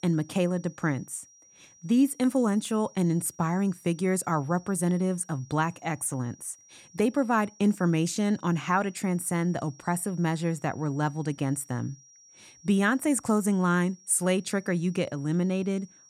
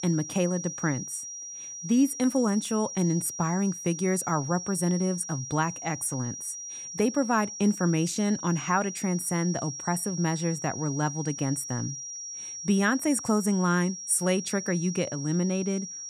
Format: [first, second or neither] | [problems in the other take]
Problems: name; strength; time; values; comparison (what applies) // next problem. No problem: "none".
first | high-pitched whine; loud; throughout; 5.5 kHz, 8 dB below the speech; faint in the first